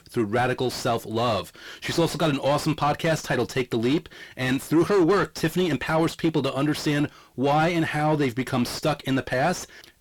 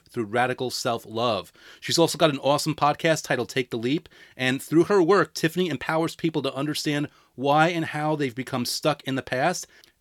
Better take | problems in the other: second | distortion; heavy; 7 dB below the speech

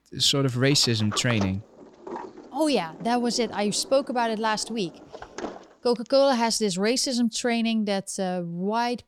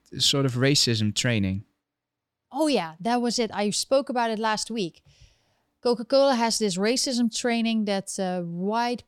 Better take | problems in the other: second | door banging; noticeable; from 0.5 to 6 s; peak 9 dB below the speech

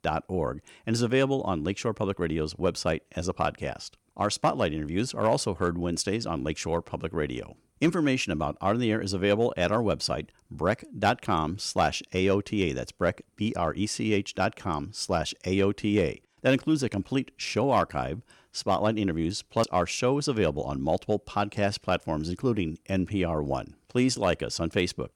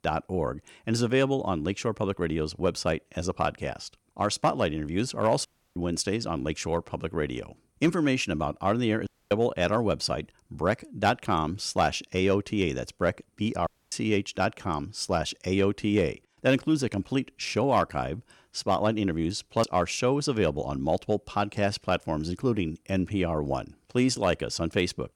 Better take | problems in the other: first | audio cutting out; at 5.5 s, at 9 s and at 14 s

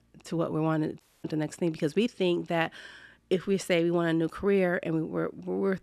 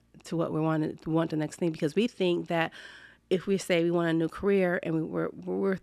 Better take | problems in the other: second | audio cutting out; at 1 s

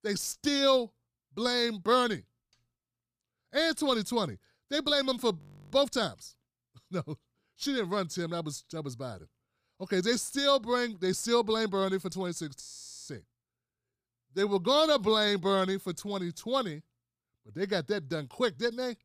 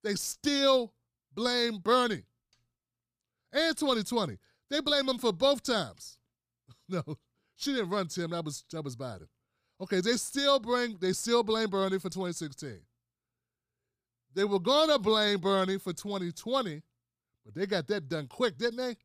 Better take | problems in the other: second | audio freezing; at 5.5 s and at 13 s

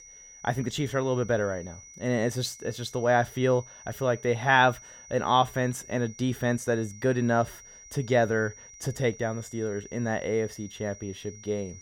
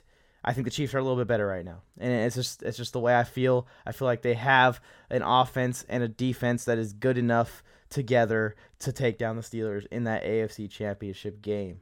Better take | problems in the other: second | high-pitched whine; noticeable; throughout; 6 kHz, 20 dB below the speech

